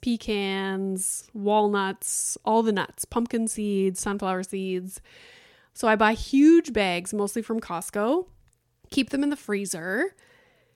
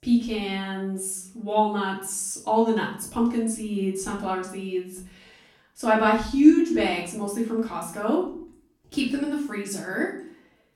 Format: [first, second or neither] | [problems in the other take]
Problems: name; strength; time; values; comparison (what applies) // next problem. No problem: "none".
first | room echo; slight; dies away in 0.4 s // off-mic speech; far